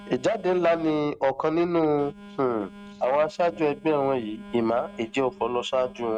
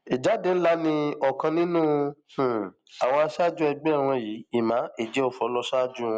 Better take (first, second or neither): second